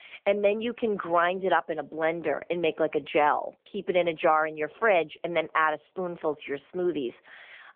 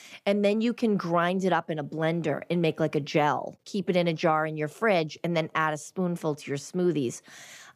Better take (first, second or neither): second